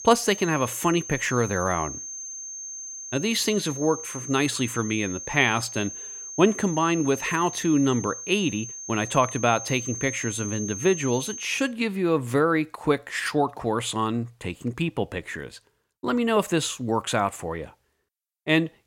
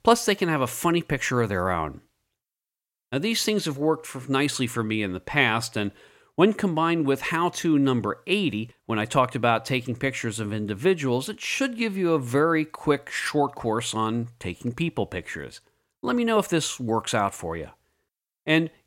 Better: second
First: high-pitched whine; loud; until 12 s; 6.5 kHz, 9 dB below the speech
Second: none

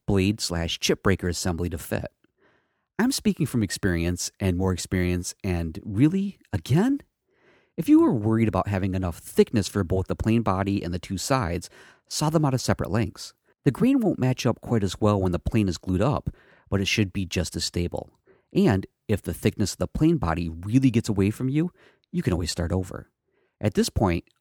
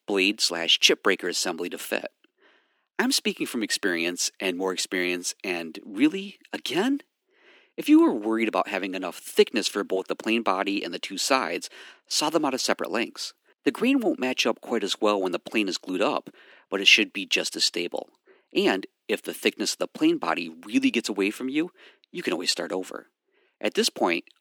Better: first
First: none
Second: thin; somewhat; fading below 250 Hz

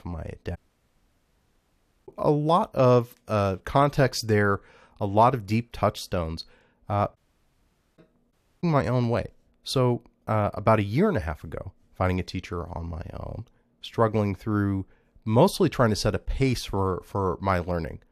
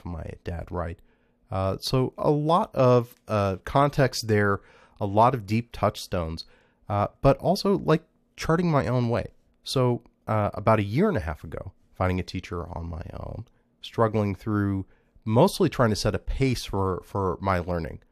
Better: second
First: audio cutting out; at 0.5 s for 1.5 s, at 7 s for 1 s and at 8.5 s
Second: none

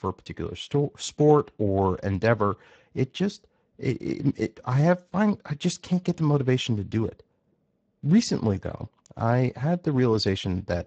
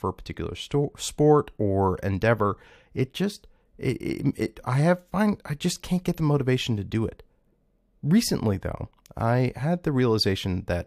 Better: second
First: garbled, watery; badly; nothing above 8 kHz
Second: none

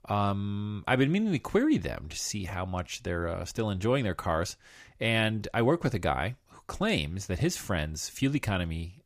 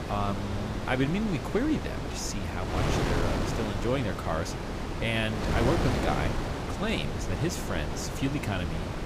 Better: first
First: none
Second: wind noise on the microphone; heavy; 1 dB below the speech

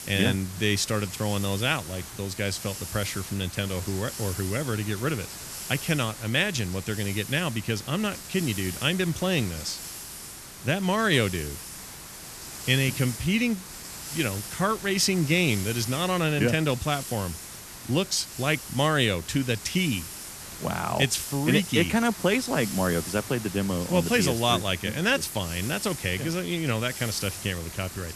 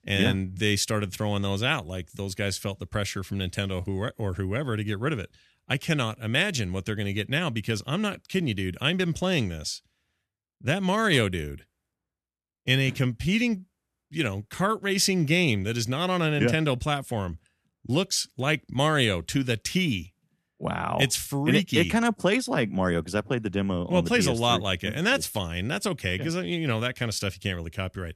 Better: second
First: hiss; noticeable; throughout; 10 dB below the speech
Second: none

